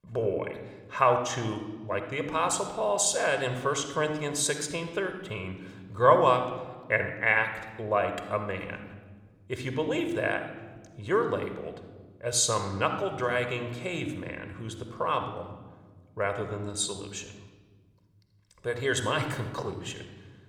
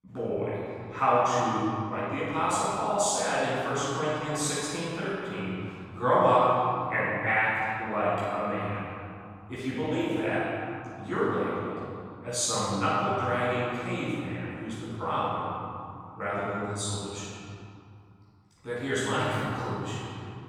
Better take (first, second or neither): first